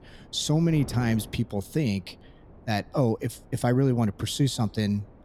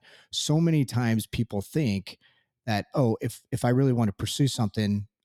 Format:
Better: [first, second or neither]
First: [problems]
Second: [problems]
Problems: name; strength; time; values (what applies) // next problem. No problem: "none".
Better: second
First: wind noise on the microphone; occasional gusts; 20 dB below the speech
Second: none